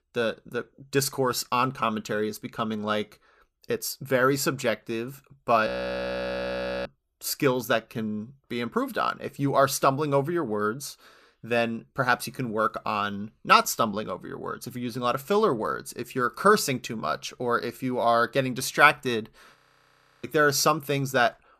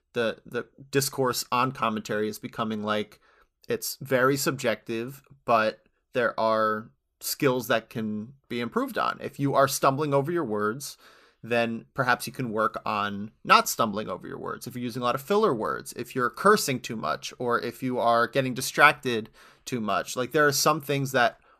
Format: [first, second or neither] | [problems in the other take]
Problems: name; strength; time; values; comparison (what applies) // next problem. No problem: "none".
second | audio freezing; at 5.5 s for 1 s and at 20 s for 0.5 s